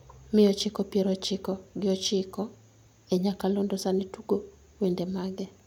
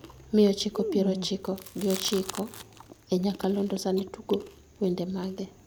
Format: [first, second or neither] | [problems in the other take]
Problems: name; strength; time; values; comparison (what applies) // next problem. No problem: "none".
first | background sound (Chewing, mastication); 11 dB below the speech